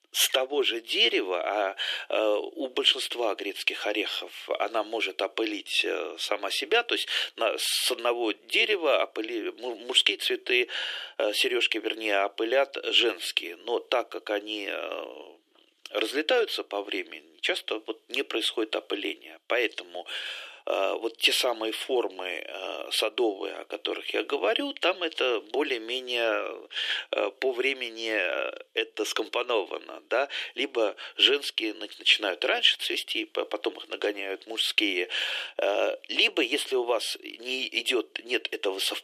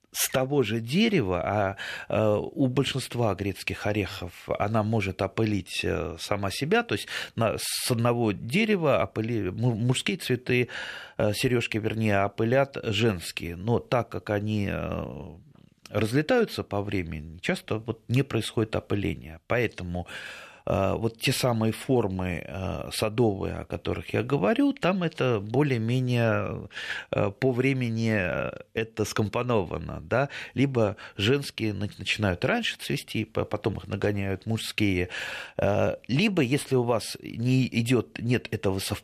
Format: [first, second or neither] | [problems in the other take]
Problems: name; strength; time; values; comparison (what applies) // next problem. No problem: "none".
second | thin; very; fading below 300 Hz